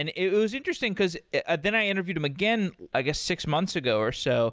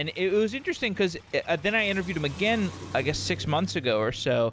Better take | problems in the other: first | background sound (Car); 15 dB below the speech

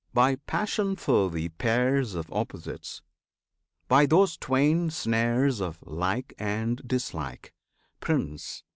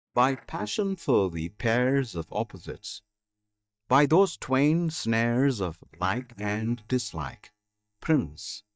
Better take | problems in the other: first | noise reduction (neural mask model DeepFilterNet 3)

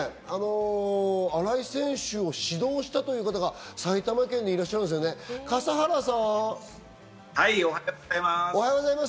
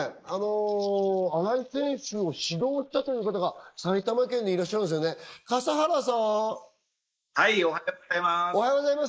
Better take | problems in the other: first | noise reduction (neural mask model Resemble Enhance denoiser)

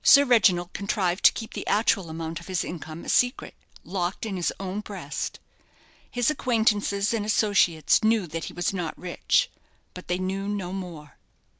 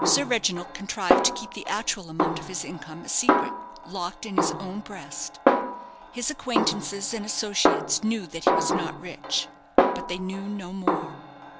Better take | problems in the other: first | background sound (Snare drum); 3 dB above the speech

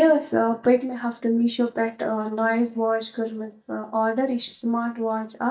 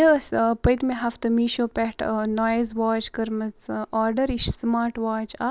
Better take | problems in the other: second | noise reduction (neural mask model DeepFilterNet 3)

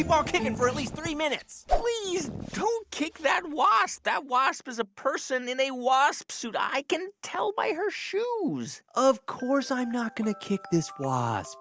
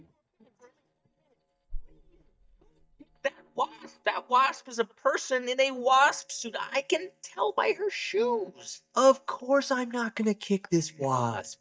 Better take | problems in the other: first | noise reduction (neural mask model DeepFilterNet 3)

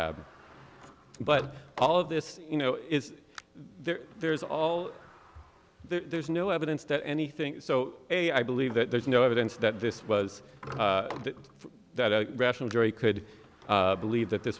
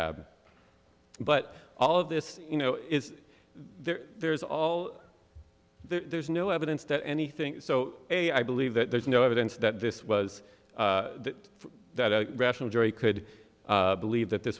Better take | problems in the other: second | background sound (Sliding door); 20 dB below the speech

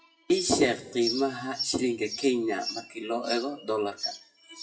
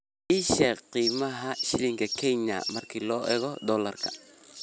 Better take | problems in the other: second | noise reduction (classical method WPE with log-MMSE)

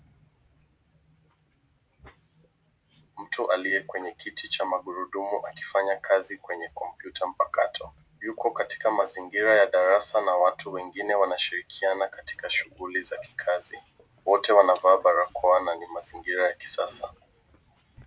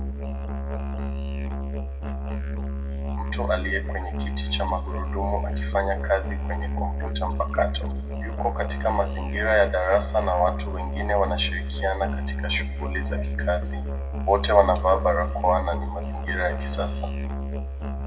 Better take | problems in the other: first | background sound (Musical instrument); 1 dB below the speech // room echo; dies away in 1.4 s

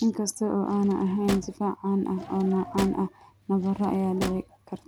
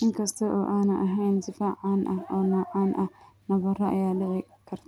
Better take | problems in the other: second | background sound (Drawer open or close); 12 dB below the speech

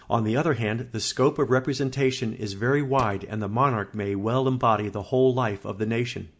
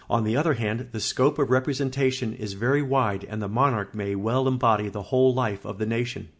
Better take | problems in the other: second | background sound (Tools); 17 dB below the speech

